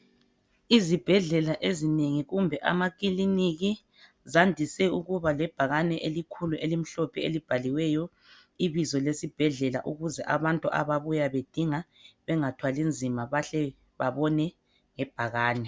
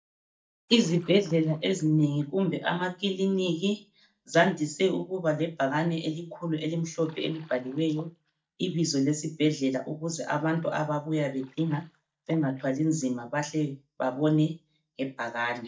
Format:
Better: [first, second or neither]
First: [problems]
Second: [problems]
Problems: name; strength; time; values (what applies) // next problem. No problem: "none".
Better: first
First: none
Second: noise reduction (neural mask model DeepFilterNet 3)